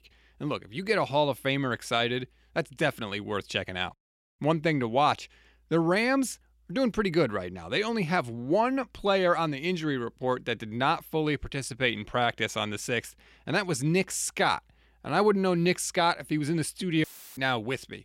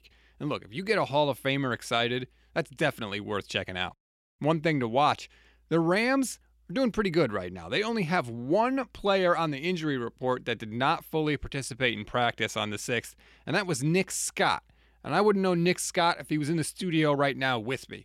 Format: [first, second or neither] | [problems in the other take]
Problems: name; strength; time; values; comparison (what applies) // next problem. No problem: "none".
second | audio cutting out; filled with static; at 17 s